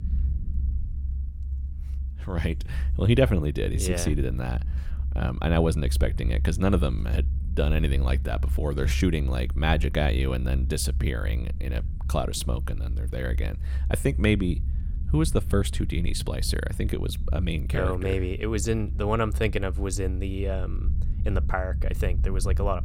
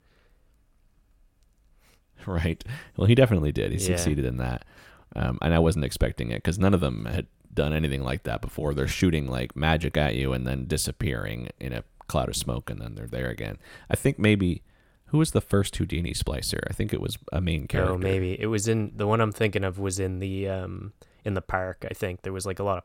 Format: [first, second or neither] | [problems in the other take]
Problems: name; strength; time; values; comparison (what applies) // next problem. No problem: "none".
second | low rumble; noticeable; throughout; 15 dB below the speech